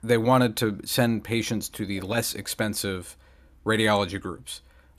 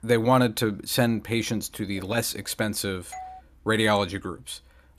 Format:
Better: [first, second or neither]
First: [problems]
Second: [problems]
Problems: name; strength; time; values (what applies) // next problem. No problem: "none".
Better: first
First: none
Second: doorbell; faint; at 3 s; peak 15 dB below the speech